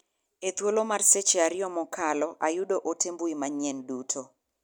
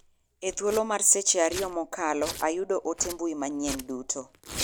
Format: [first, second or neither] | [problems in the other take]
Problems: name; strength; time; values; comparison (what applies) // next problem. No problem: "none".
first | background sound (Domestic sounds, home sounds); 12 dB below the speech